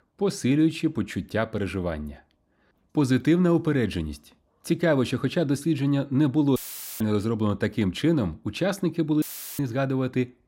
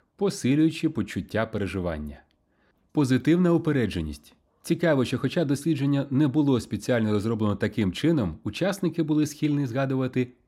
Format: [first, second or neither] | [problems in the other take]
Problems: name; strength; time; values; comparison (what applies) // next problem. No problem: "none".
second | audio cutting out; filled with static; at 6.5 s and at 9 s